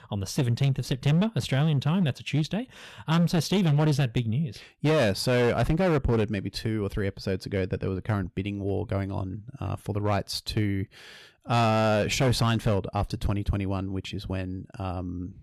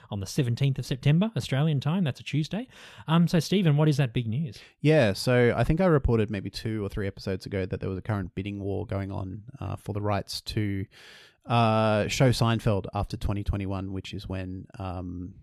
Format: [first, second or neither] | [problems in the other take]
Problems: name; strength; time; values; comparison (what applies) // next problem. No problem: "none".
second | distortion; slight; 8% of the sound clipped